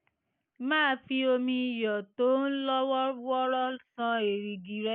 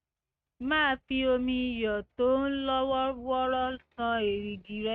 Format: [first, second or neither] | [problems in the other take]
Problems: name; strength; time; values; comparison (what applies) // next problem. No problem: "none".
first | noise reduction (neural mask model RNNoise)